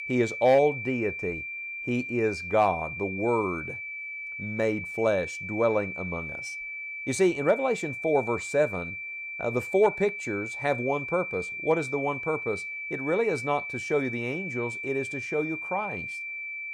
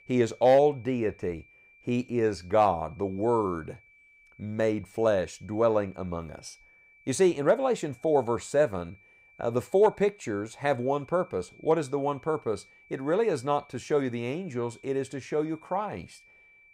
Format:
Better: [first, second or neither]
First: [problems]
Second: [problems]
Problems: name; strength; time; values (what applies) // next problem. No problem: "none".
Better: second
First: high-pitched whine; loud; throughout; 2.5 kHz, 6 dB below the speech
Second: high-pitched whine; faint; throughout; 2.5 kHz, 30 dB below the speech